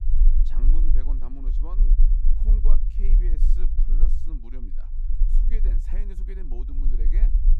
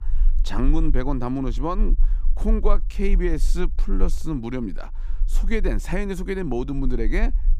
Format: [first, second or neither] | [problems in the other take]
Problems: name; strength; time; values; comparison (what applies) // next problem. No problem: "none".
second | low rumble; loud; throughout; 2 dB below the speech; faint in the second